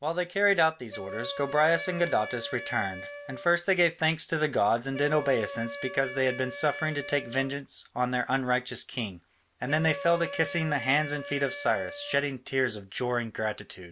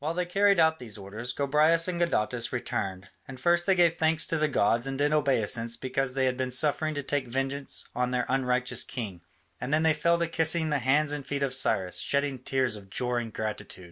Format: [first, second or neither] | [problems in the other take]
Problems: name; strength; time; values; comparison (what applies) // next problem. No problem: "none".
second | background sound (Wind instrument, woodwind instrument); 12 dB below the speech